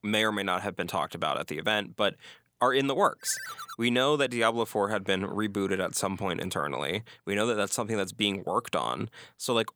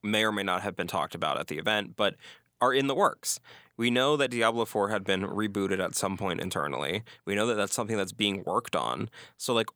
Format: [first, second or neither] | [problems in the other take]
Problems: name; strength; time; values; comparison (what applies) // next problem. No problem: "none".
second | phone ringing; noticeable; at 3 s; peak 9 dB below the speech